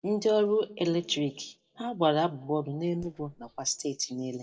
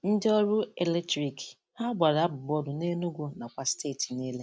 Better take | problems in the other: second | noise reduction (neural mask model DeepFilterNet 3)

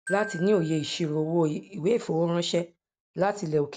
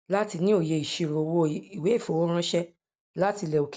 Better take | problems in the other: second | background sound (Glockenspiel); 17 dB below the speech

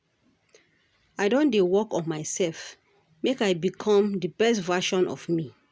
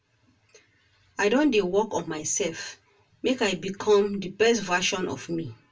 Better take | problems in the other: first | room echo; dies away in 0.1 s

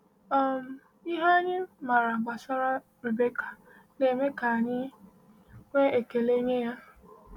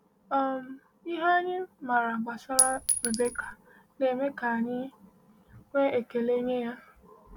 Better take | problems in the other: first | background sound (Chink, clink); 2 dB above the speech

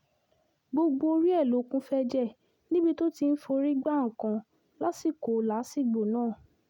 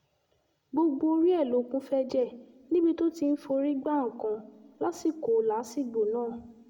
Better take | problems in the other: first | room echo; dies away in 0.7 s

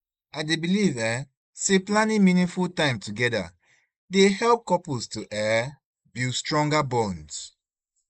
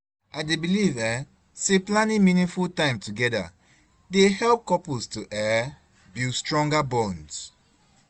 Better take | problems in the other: second | noise reduction (neural mask model Resemble Enhance denoiser)

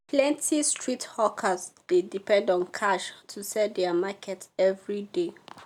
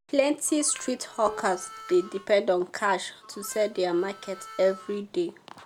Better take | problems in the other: first | background sound (Harmonica + Dishes, pots, and pans); 17 dB below the speech

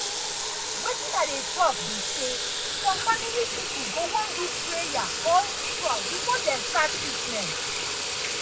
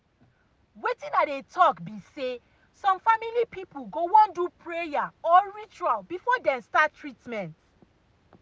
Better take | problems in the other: second | background sound (Sink (filling or washing) / Water tap, faucet); as loud as the speech // room echo; dies away in 0.3 s

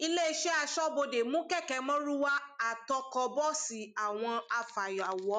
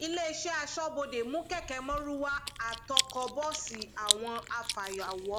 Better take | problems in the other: first | background sound (Chewing, mastication); 3 dB below the speech

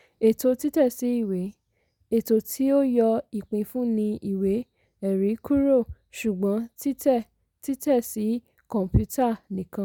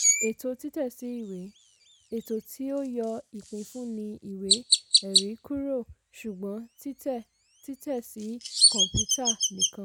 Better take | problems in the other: first | background sound (Chirp, tweet); 5 dB above the speech

